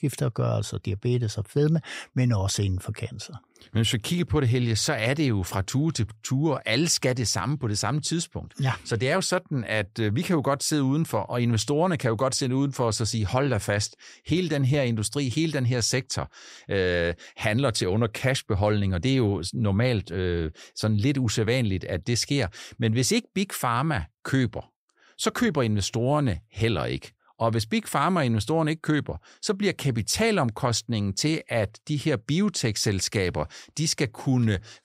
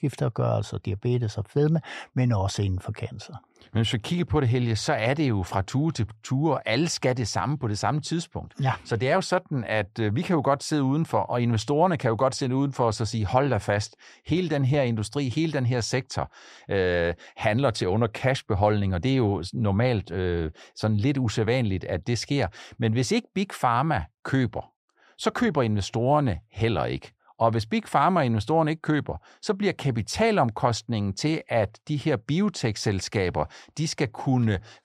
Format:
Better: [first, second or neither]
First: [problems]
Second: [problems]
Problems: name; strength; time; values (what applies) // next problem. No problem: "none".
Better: first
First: none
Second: muffled; slightly; fading above 3.5 kHz